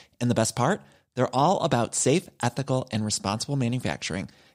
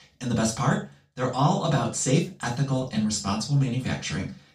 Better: first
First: none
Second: room echo; slight; dies away in 0.3 s // off-mic speech; far

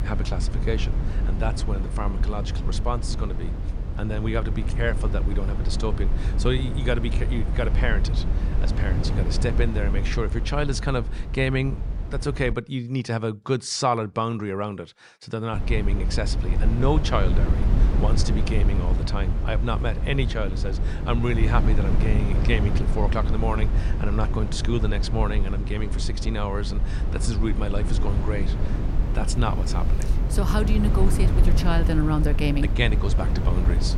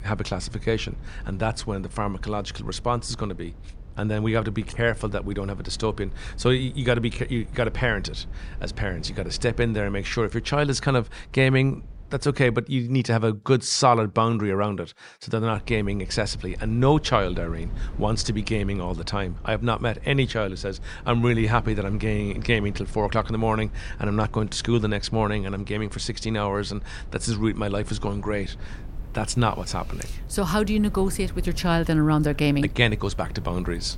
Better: second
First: low rumble; loud; until 13 s and from 16 s on; 8 dB below the speech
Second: low rumble; faint; until 13 s and from 16 s on; 25 dB below the speech

